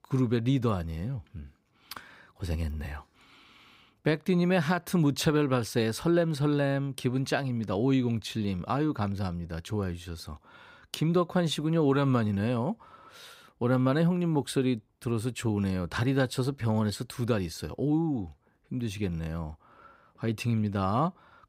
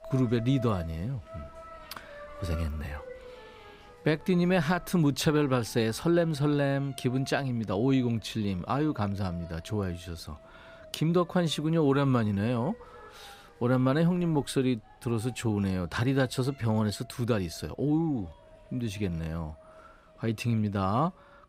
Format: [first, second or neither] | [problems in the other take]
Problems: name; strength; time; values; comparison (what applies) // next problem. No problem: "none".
first | household noises; faint; throughout; 20 dB below the speech